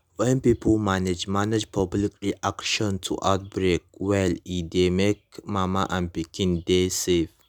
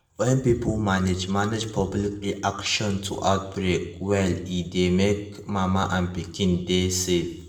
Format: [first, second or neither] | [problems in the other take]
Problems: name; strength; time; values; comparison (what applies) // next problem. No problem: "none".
first | room echo; dies away in 0.6 s